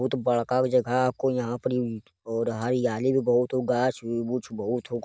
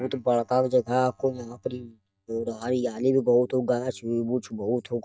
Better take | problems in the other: first | noise reduction (neural mask model DeepFilterNet 3)

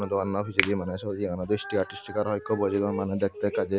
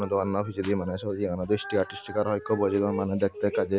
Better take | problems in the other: second | background sound (Finger snapping); 8 dB below the speech

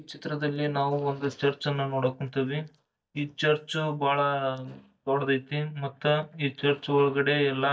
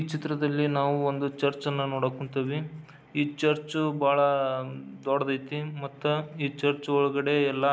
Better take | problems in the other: second | noise reduction (neural mask model DeepFilterNet 3)

